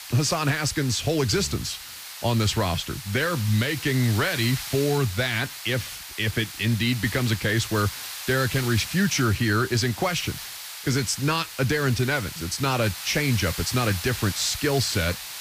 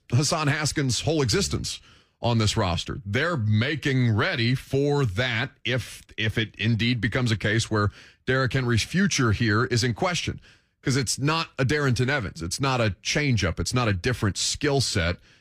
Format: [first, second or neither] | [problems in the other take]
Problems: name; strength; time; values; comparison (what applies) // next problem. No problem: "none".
second | hiss; loud; throughout; 9 dB below the speech